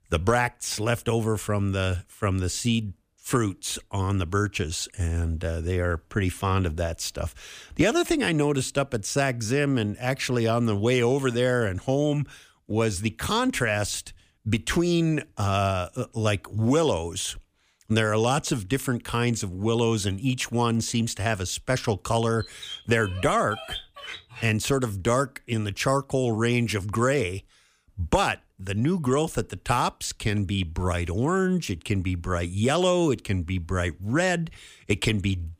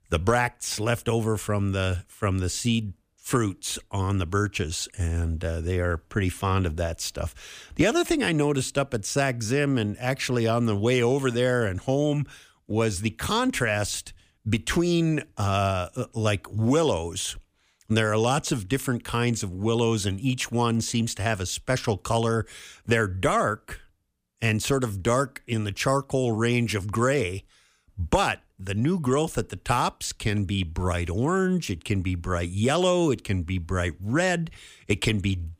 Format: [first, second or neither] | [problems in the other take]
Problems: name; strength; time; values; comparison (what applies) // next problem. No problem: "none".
second | dog barking; noticeable; from 22 to 25 s; peak 10 dB below the speech